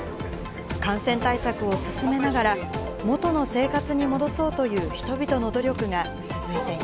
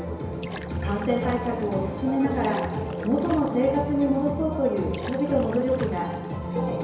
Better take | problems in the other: first | background sound (Splash, splatter); 19 dB below the speech // room echo; dies away in 1 s

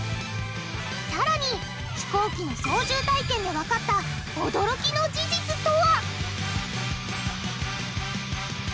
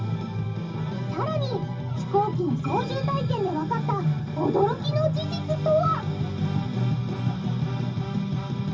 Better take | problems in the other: first | room echo; dies away in 0.4 s

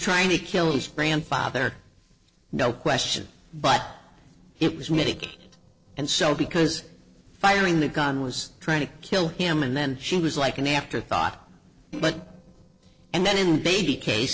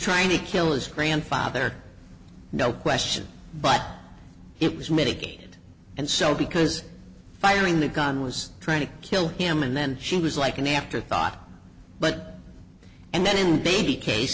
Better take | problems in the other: second | noise reduction (neural separator model SepFormer DNS4)

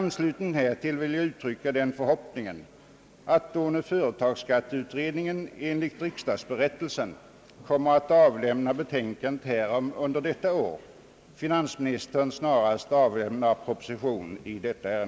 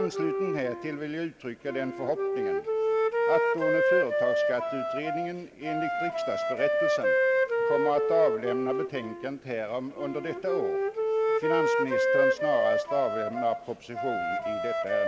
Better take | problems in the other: first | background sound (Wind instrument, woodwind instrument); 4 dB above the speech

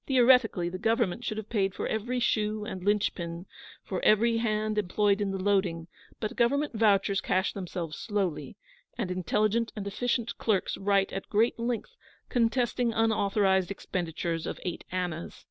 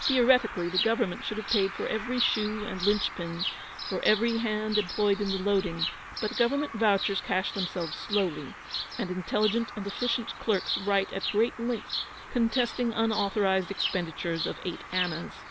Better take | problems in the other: first | background sound (Bird vocalization, bird call, bird song); 7 dB below the speech

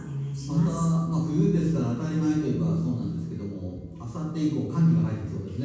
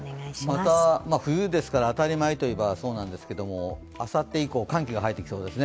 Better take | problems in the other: second | room echo; dies away in 1.2 s

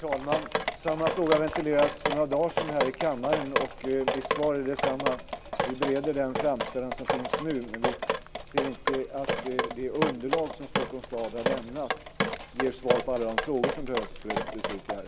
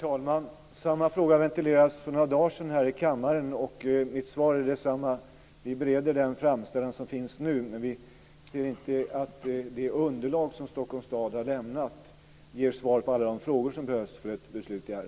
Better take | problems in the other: second | background sound (Drip); 1 dB below the speech

